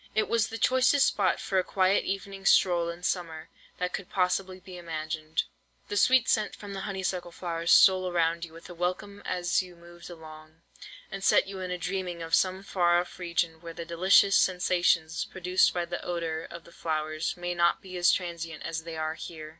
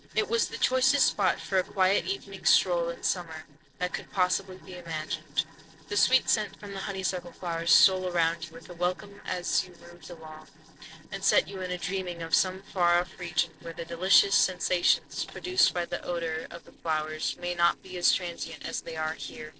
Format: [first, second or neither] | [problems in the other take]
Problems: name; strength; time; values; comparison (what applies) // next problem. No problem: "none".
first | noise reduction (neural separator model SepFormer DNS4)